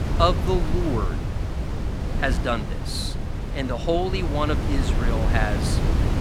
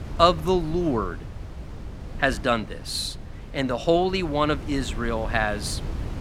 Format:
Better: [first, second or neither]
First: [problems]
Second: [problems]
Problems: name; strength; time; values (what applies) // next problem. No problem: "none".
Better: second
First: wind noise on the microphone; heavy; 7 dB below the speech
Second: wind noise on the microphone; occasional gusts; 20 dB below the speech